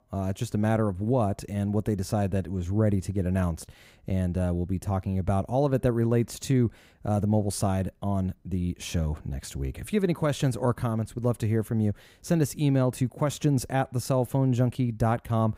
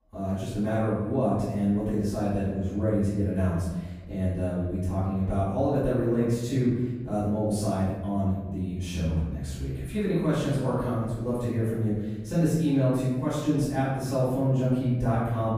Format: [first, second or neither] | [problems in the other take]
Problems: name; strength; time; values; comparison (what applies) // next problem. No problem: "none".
first | off-mic speech; far // room echo; strong; dies away in 1.1 s